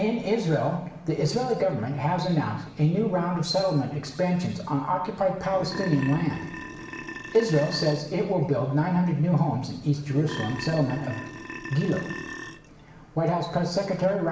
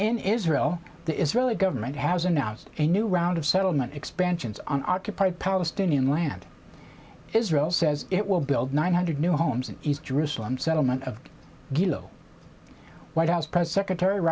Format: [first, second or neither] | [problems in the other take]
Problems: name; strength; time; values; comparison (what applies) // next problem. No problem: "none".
second | background sound (Burping, eructation); 12 dB below the speech // room echo; dies away in 0.9 s